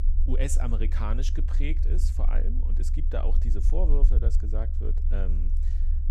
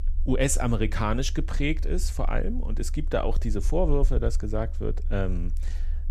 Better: second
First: low rumble; loud; throughout; 9 dB below the speech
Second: low rumble; faint; throughout; 25 dB below the speech

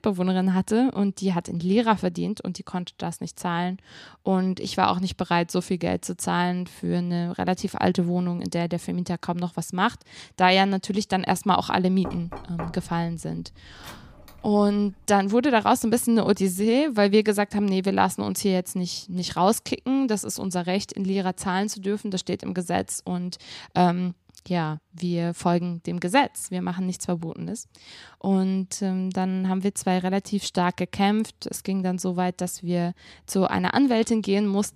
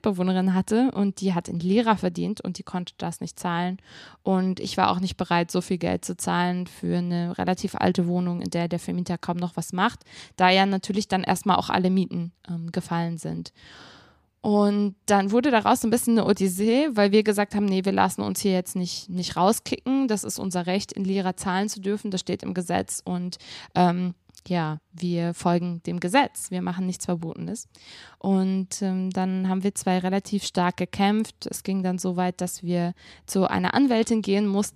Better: second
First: door banging; faint; from 12 to 15 s; peak 10 dB below the speech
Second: none

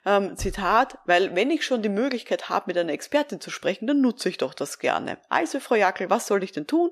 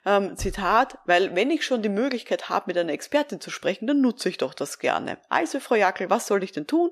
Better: neither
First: none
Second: none

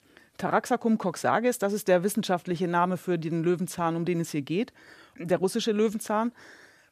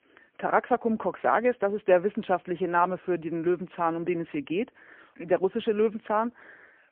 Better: first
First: none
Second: phone-call audio; poor line

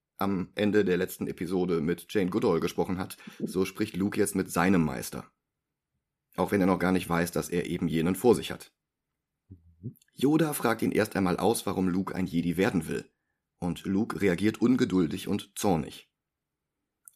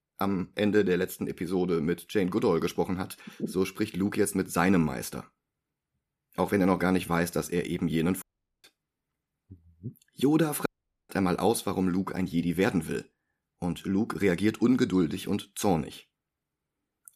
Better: first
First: none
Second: audio cutting out; at 8 s and at 11 s

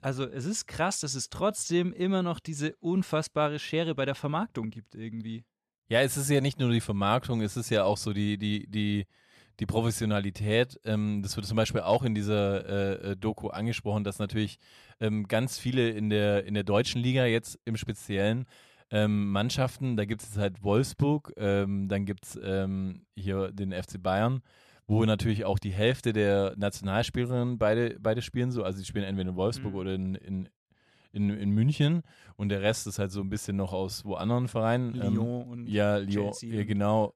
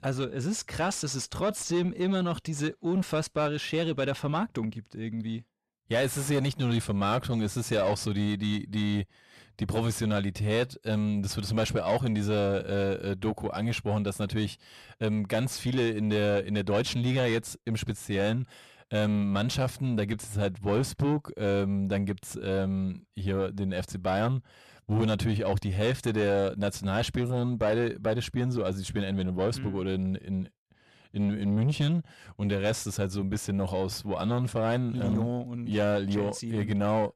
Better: first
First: none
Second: distortion; slight; 10 dB below the speech

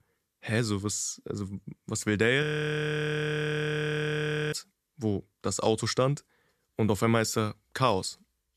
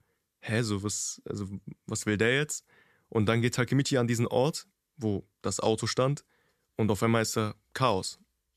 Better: second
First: audio freezing; at 2.5 s for 2 s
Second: none

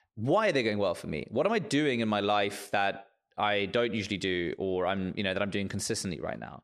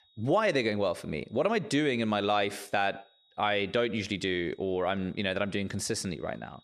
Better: first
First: none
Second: high-pitched whine; faint; throughout; 4 kHz, 35 dB below the speech

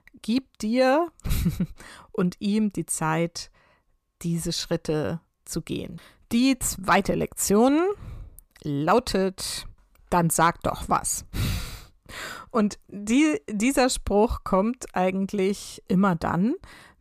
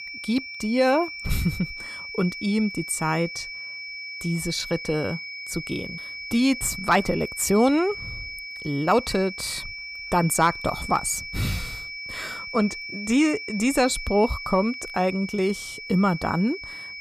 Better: first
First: none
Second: high-pitched whine; loud; throughout; 2.5 kHz, 9 dB below the speech

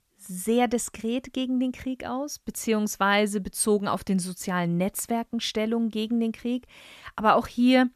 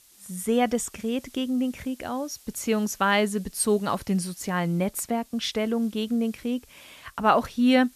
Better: first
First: none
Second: hiss; faint; throughout; 25 dB below the speech

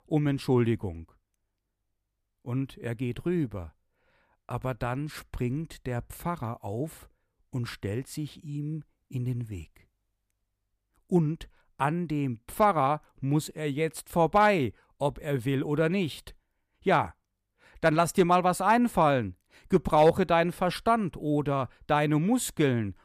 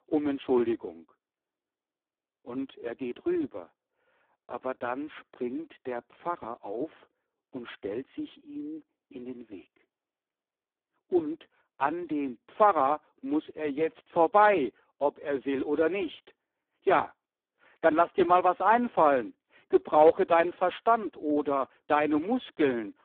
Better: first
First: none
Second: phone-call audio; poor line

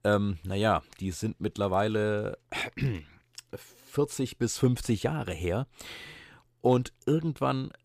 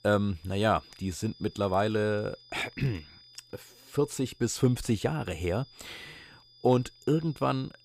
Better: first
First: none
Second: high-pitched whine; faint; throughout; 5 kHz, 25 dB below the speech

